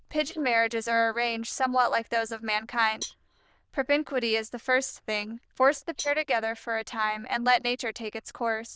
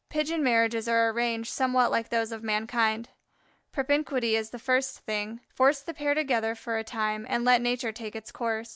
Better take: second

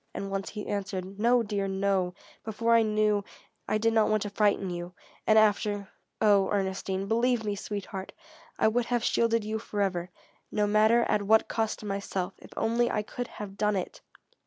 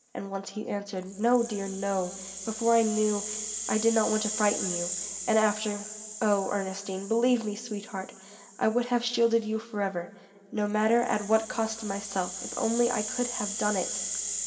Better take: first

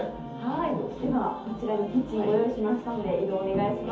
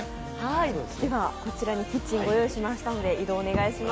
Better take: second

